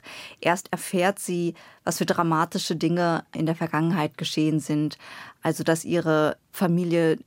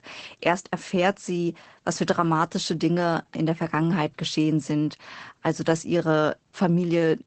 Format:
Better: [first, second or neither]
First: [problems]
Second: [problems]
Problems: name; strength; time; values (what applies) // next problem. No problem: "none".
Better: first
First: none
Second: garbled, watery; badly; nothing above 8 kHz